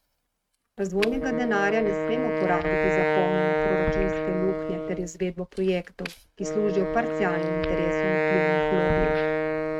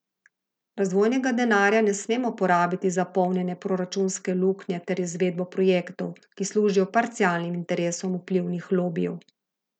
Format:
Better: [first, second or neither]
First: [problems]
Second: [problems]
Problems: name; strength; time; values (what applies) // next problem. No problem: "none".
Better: second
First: noise reduction (neural mask model RNNoise)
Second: none